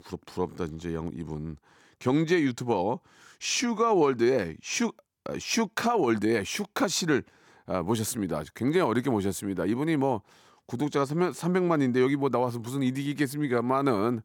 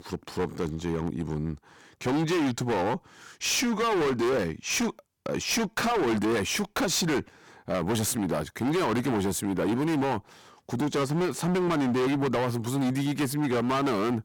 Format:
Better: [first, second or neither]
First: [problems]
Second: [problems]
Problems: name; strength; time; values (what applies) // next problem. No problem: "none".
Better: first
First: none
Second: distortion; heavy; 25% of the sound clipped